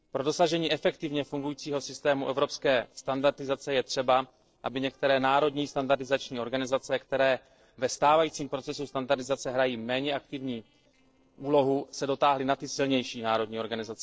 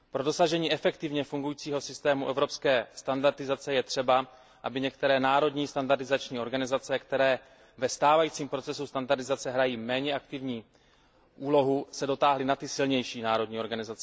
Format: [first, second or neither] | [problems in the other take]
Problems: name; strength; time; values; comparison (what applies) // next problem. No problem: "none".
second | noise reduction (neural separator model SepFormer DNS4)